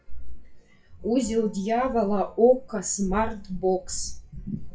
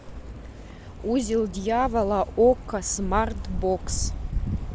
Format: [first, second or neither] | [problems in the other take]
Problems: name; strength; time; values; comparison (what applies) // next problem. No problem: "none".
second | noise reduction (classical method WPE with log-MMSE)